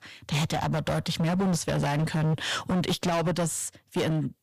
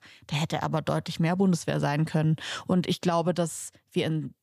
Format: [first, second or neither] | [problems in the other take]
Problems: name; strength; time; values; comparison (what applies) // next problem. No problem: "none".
second | distortion; heavy; 23% of the sound clipped